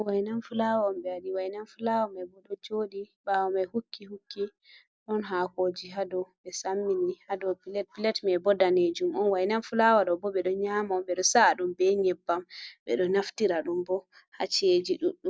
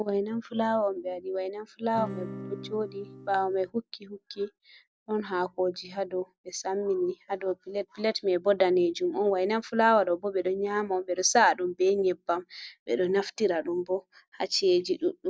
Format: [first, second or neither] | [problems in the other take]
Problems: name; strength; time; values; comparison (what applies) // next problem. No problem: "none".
first | background sound (Acoustic guitar / Strum); 12 dB below the speech